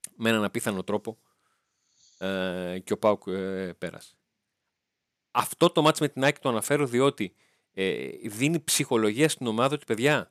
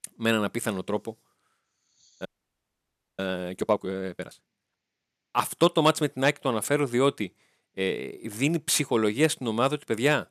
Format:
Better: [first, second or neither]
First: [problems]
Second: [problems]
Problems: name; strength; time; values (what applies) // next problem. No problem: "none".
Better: first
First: none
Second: audio freezing; at 2.5 s for 1 s